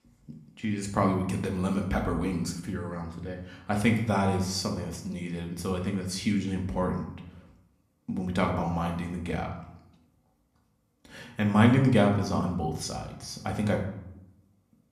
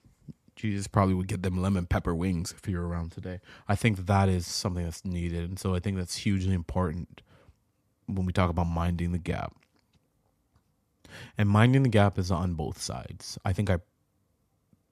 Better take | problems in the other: second | room echo; slight; dies away in 0.6 s // off-mic speech; somewhat distant

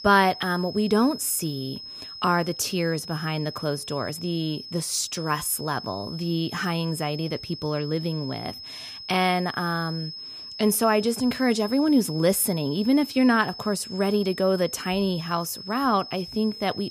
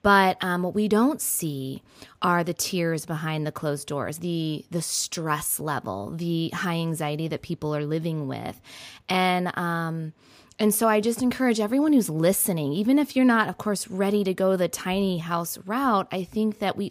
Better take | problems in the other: second | high-pitched whine; noticeable; throughout; 5 kHz, 10 dB below the speech

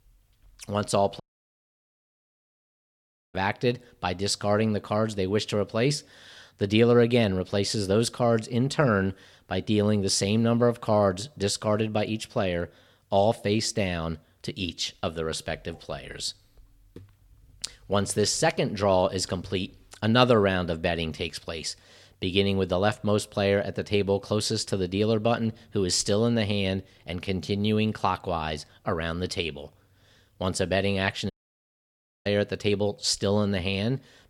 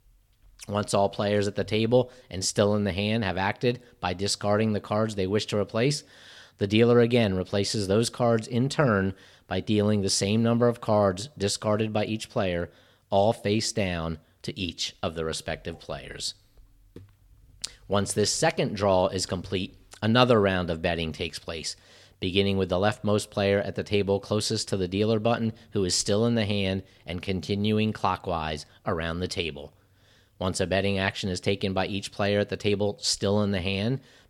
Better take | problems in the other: second | audio cutting out; at 1 s for 2 s and at 31 s for 1 s

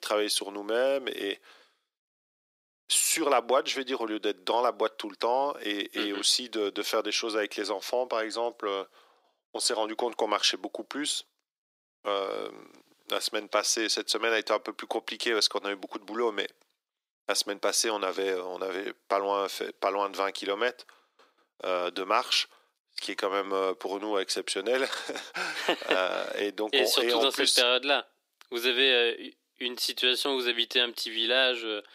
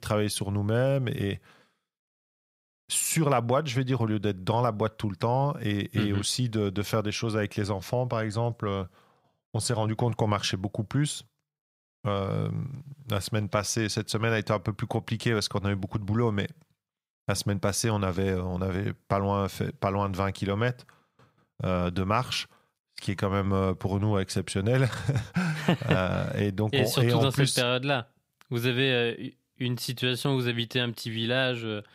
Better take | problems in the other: second | thin; very; fading below 300 Hz

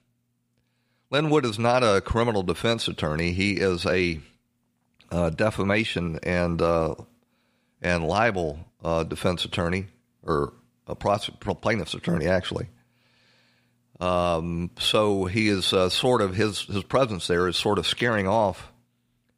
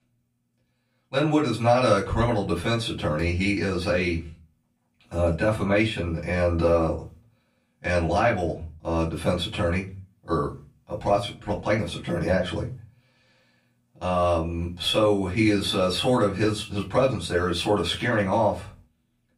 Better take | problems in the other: first | off-mic speech; far // room echo; very slight; dies away in 0.3 s

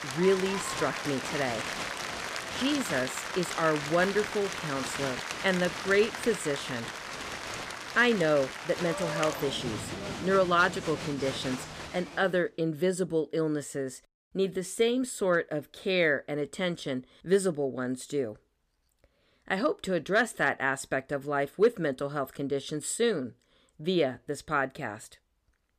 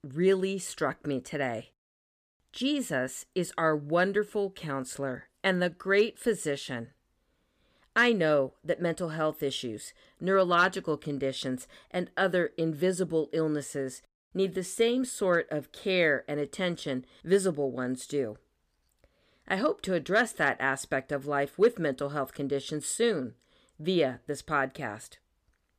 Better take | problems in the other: second | crowd noise; loud; until 12 s; 6 dB below the speech

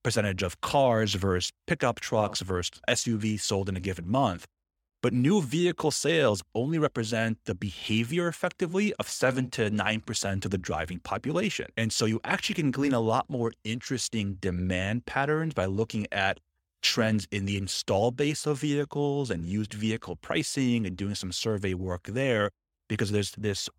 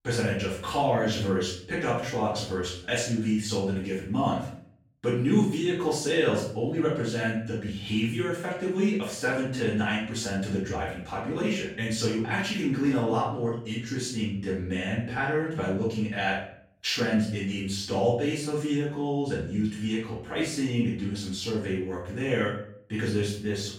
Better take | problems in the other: first | room echo; noticeable; dies away in 0.5 s // off-mic speech; far

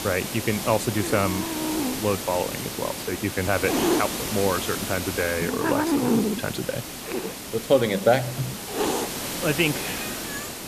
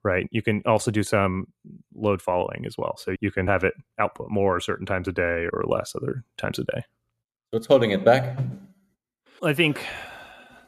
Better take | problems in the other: second | hiss; loud; throughout; 2 dB below the speech

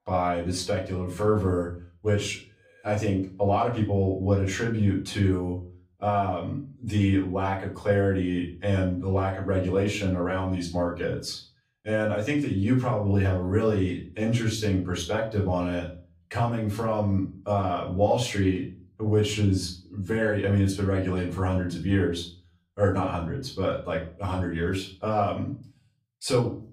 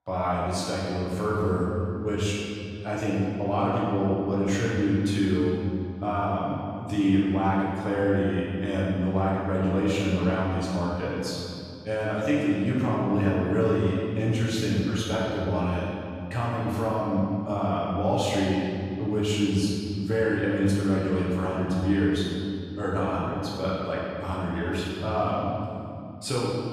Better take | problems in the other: first | room echo; strong; dies away in 2.2 s; slight in the first // off-mic speech; far; far in the first

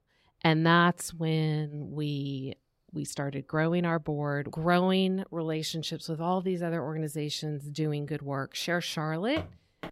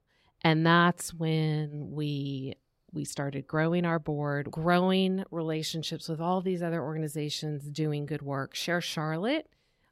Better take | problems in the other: second | footsteps; faint; at 9.5 s; peak 15 dB below the speech

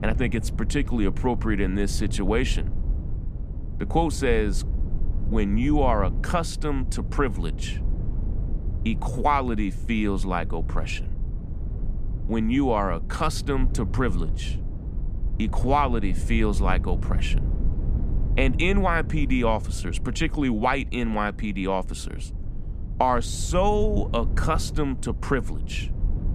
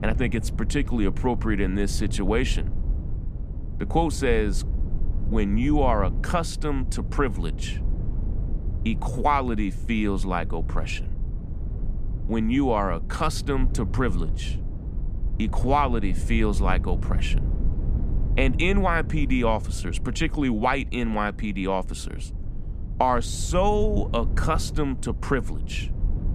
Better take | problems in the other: neither | low rumble; noticeable; throughout; 15 dB below the speech; the same in both

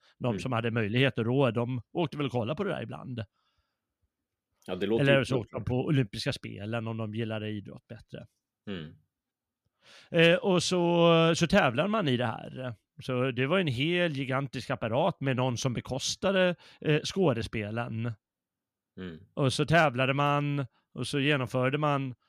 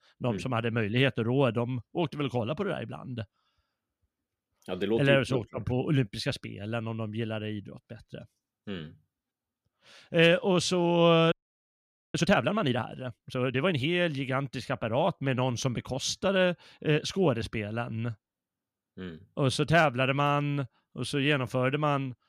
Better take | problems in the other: first | audio freezing; at 11 s for 1 s

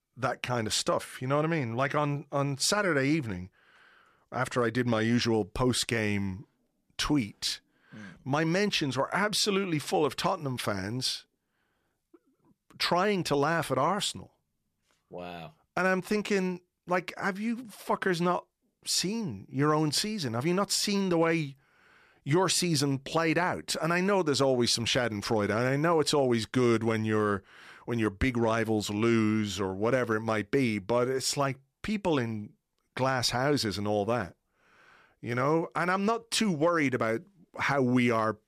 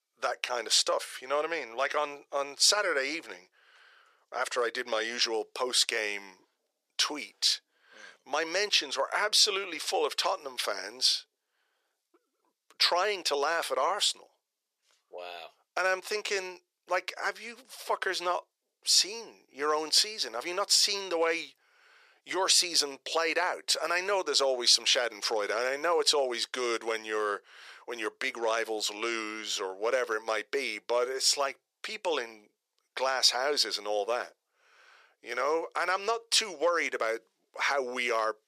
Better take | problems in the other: first | thin; very; fading below 450 Hz

